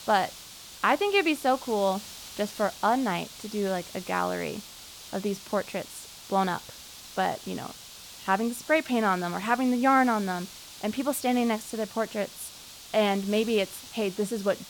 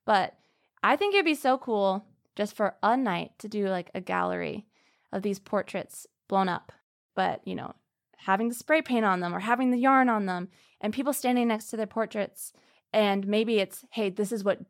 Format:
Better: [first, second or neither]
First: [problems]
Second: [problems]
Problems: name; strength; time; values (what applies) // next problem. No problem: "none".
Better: second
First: hiss; noticeable; throughout; 15 dB below the speech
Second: none